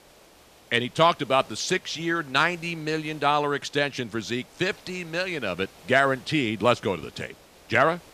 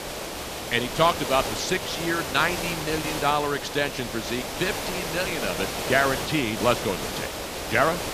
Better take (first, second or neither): first